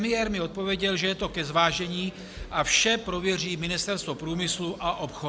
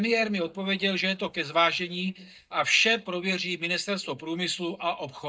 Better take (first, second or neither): first